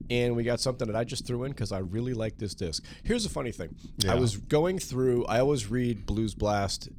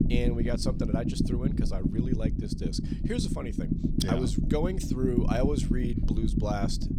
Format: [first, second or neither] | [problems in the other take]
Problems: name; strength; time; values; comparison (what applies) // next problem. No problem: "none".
first | low rumble; loud; throughout; 2 dB below the speech; faint in the first